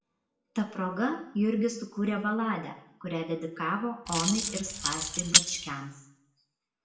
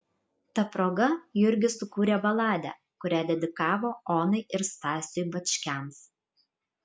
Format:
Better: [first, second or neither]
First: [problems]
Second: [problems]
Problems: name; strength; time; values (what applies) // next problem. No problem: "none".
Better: second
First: background sound (Keys jangling); 4 dB above the speech // room echo; dies away in 0.6 s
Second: none